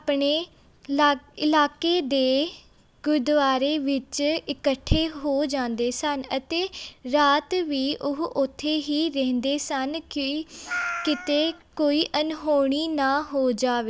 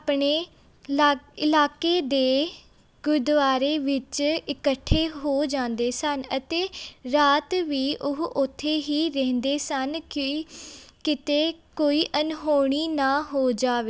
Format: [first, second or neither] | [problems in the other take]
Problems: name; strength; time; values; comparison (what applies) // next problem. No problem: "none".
second | background sound (Meow); 9 dB below the speech